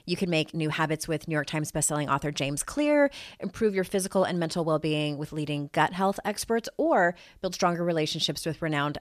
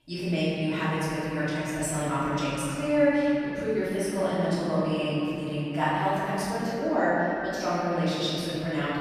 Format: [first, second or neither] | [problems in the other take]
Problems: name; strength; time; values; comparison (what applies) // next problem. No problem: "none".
first | off-mic speech; far // room echo; strong; dies away in 3 s